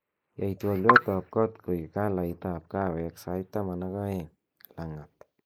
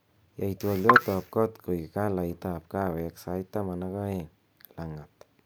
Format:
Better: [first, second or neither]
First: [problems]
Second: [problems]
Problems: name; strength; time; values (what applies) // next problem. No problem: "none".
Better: second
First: noise reduction (neural mask model Resemble Enhance denoiser)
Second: none